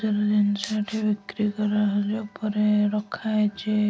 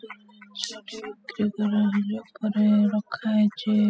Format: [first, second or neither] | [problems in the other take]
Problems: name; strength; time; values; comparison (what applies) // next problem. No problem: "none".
first | noise reduction (classical method spectral subtraction)